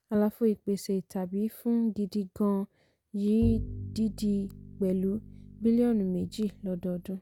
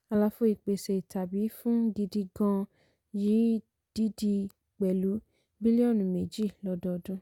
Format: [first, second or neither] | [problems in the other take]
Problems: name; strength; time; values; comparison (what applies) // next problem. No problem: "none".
second | background sound (Bowed string instrument); 10 dB below the speech